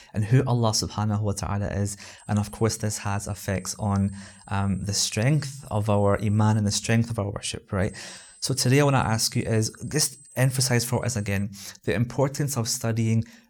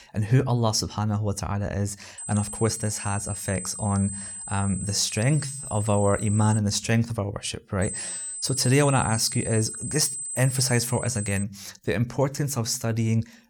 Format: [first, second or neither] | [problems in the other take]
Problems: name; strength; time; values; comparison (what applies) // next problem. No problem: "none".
first | high-pitched whine; loud; from 2 to 6.5 s and from 8 to 11 s; 8 kHz, 7 dB below the speech; faint in the first